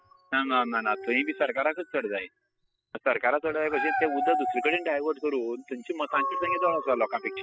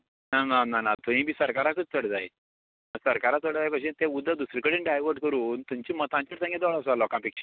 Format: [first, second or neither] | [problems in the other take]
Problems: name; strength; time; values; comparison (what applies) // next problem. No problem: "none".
second | noise reduction (classical method spectral subtraction)